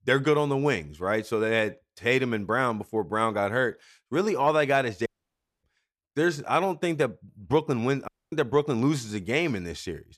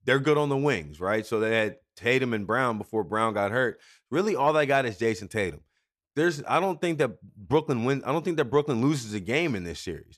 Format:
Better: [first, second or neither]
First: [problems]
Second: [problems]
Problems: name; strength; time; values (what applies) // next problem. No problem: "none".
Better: second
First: audio cutting out; at 5 s for 0.5 s and at 8 s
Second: none